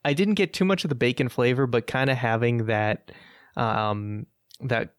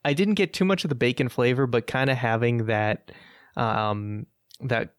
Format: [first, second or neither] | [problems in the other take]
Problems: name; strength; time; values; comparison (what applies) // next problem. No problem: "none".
neither | none